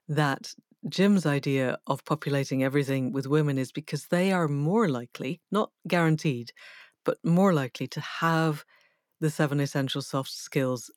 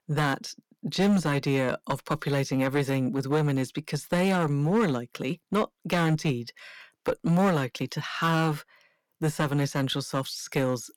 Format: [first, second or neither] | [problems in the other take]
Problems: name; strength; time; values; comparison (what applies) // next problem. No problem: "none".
first | distortion; slight; 7% of the sound clipped